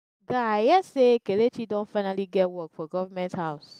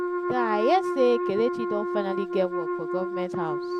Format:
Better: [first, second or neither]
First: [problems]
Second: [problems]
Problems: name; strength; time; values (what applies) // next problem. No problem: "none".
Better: first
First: none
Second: background sound (Wind instrument, woodwind instrument); 2 dB below the speech